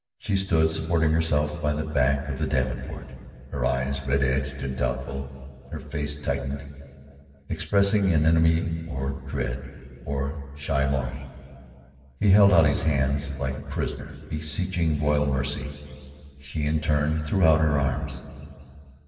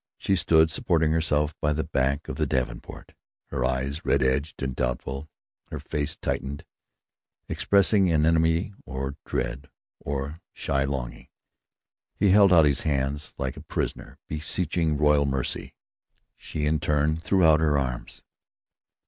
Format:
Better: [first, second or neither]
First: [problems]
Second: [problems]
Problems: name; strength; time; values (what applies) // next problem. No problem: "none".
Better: second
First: room echo; dies away in 2.6 s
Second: none